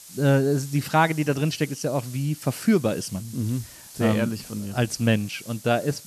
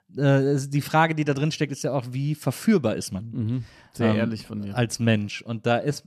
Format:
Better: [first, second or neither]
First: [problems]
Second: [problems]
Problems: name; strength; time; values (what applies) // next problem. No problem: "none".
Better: second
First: hiss; noticeable; throughout; 15 dB below the speech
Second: none